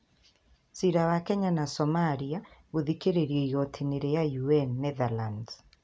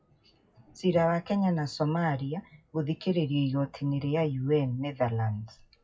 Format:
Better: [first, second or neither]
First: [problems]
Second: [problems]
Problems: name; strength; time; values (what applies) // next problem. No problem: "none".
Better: first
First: none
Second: noise reduction (classical method WPE with log-MMSE)